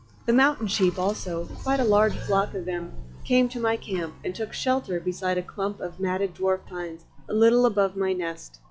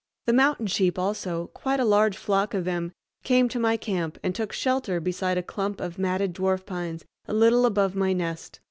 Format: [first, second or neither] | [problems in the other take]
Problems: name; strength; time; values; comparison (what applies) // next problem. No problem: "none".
second | noise reduction (classical method log-MMSE)